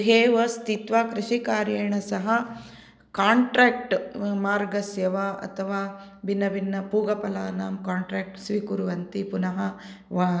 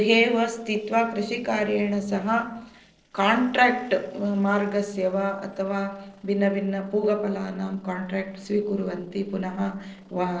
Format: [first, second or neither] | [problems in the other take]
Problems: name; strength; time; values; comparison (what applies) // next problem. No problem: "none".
first | noise reduction (neural separator model SepFormer DNS4)